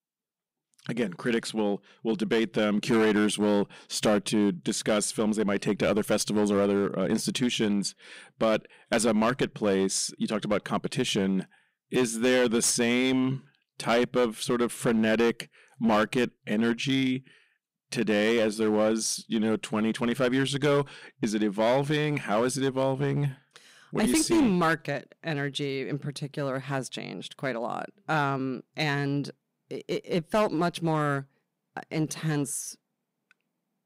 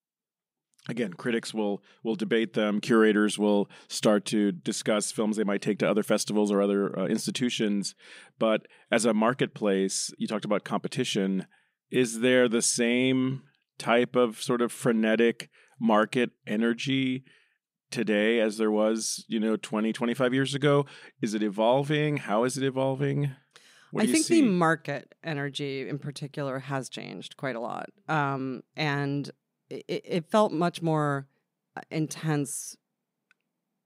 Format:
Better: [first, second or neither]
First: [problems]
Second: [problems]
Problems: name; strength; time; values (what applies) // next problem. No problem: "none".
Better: second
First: distortion; slight; 7% of the sound clipped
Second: none